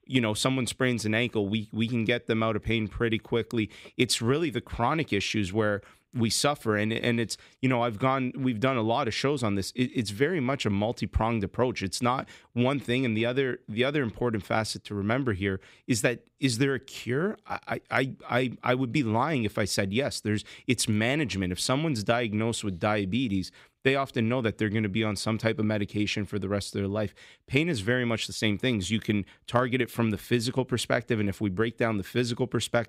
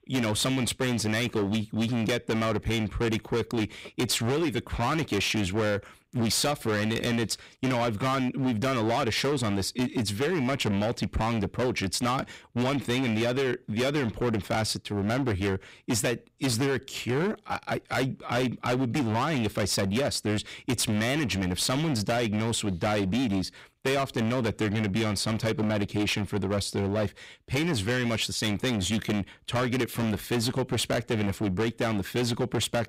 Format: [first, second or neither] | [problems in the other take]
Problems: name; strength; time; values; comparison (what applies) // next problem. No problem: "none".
first | distortion; heavy; 22% of the sound clipped